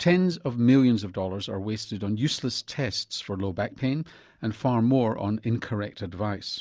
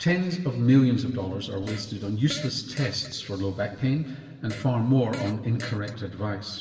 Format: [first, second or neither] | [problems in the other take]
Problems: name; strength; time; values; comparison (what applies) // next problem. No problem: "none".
first | background sound (Fart); 16 dB below the speech // room echo; dies away in 2.8 s